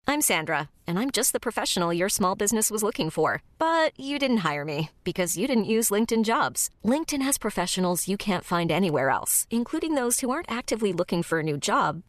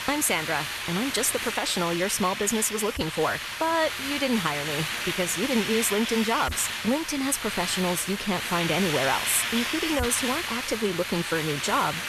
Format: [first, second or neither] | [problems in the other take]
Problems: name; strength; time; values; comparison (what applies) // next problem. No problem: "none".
first | hiss; loud; throughout; 3 dB below the speech